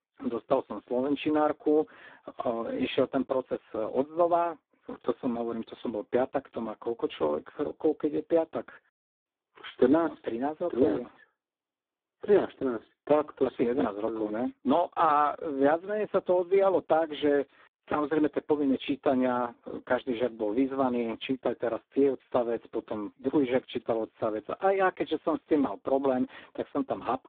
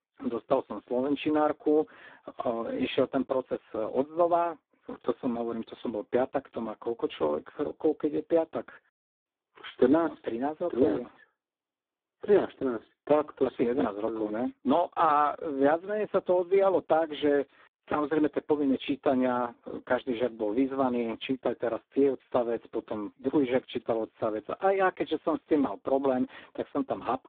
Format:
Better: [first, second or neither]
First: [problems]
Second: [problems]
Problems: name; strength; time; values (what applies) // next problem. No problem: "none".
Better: neither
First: phone-call audio; poor line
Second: phone-call audio; poor line